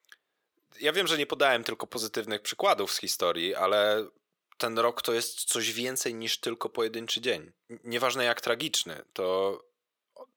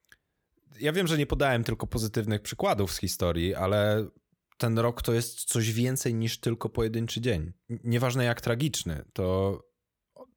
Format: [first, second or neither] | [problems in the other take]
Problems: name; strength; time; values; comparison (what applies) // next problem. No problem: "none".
second | thin; very; fading below 450 Hz